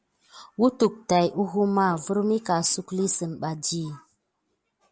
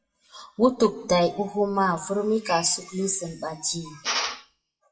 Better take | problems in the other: first | noise reduction (classical method WPE with log-MMSE)

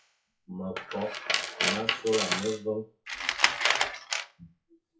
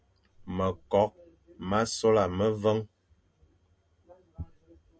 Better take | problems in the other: second | noise reduction (classical method WPE with log-MMSE)

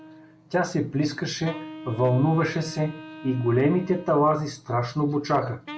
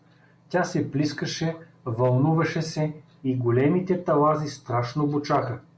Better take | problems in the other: second | background sound (Wind instrument, woodwind instrument); 18 dB below the speech

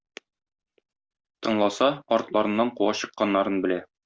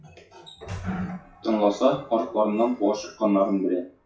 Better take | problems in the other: first | noise reduction (classical method WPE with log-MMSE)

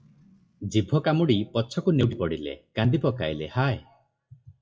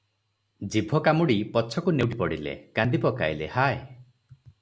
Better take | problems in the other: second | noise reduction (classical method WPE with log-MMSE)

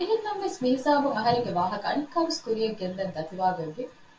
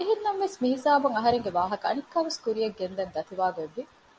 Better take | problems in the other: second | room echo; dies away in 0.2 s

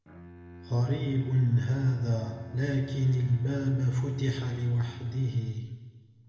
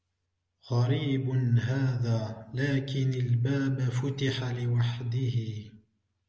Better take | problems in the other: second | background sound (Bowed string instrument); 18 dB below the speech // room echo; dies away in 1.5 s

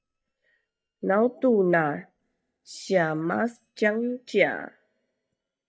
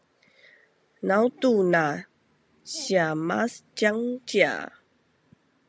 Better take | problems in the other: second | noise reduction (neural mask model DeepFilterNet 3)

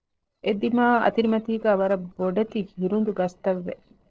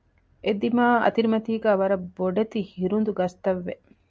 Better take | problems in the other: second | noise reduction (neural separator model SepFormer DNS4)

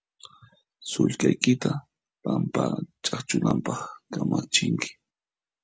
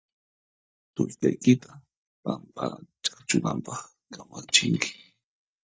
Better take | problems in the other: first | noise reduction (neural mask model DeepFilterNet 3)

